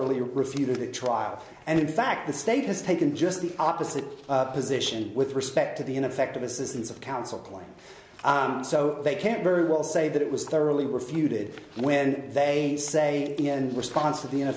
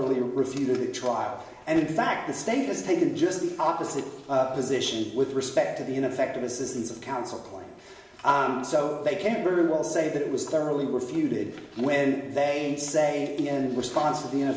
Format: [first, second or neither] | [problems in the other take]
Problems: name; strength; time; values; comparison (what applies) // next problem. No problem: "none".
first | room echo; dies away in 1.1 s